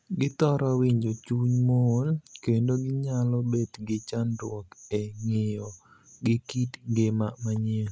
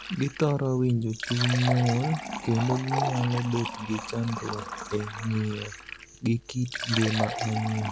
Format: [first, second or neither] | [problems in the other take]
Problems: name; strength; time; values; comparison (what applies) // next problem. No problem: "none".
first | background sound (Fill (with liquid)); 7 dB below the speech